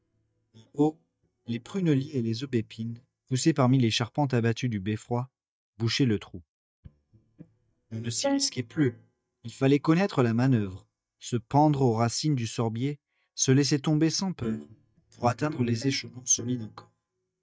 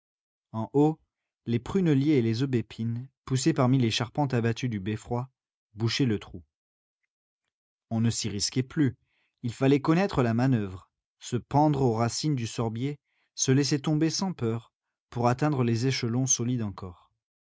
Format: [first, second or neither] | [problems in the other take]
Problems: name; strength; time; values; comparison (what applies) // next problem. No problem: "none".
second | noise reduction (neural mask model DeepFilterNet 3)